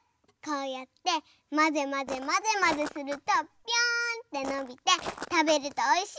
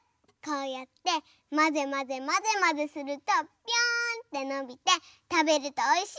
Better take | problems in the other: second | background sound (Walk, footsteps); 13 dB below the speech

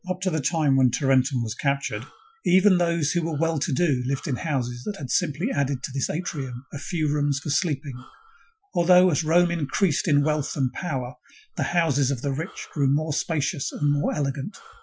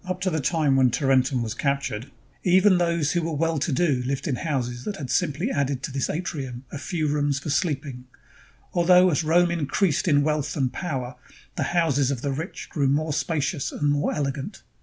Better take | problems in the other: second | noise reduction (classical method Wiener filter)

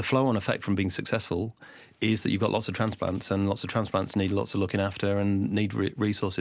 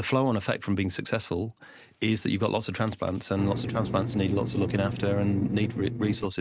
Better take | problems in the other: first | noise reduction (neural mask model RNNoise)

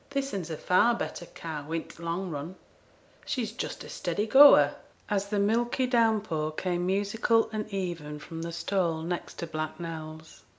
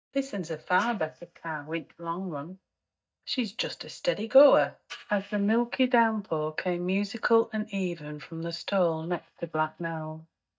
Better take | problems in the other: first | noise reduction (neural mask model DeepFilterNet 3)

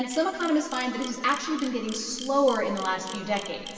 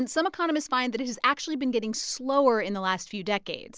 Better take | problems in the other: second | background sound (Camera); 17 dB below the speech // room echo; dies away in 2.5 s

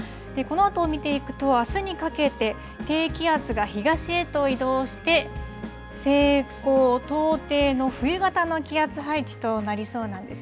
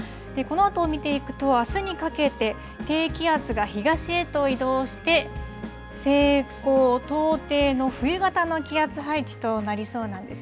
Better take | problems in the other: first | background sound (Wind instrument, woodwind instrument); 20 dB below the speech

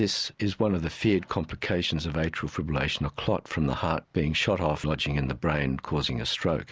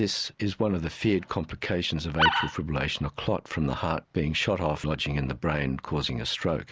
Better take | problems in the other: first | background sound (Animal); 2 dB above the speech

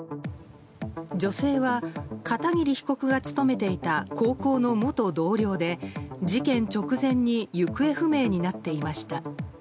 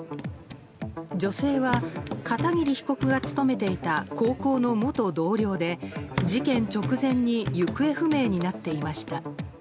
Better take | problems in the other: first | background sound (Hands / Wood); 11 dB below the speech

